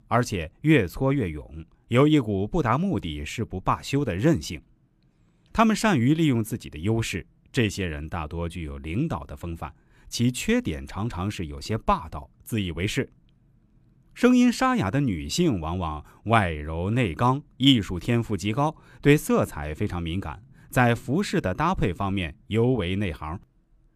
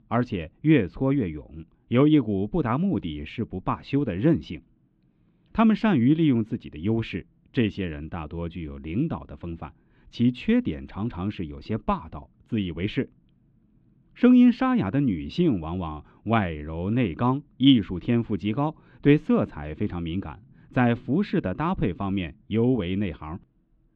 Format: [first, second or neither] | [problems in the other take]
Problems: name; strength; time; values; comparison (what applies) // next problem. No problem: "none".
first | muffled; slightly; fading above 3.5 kHz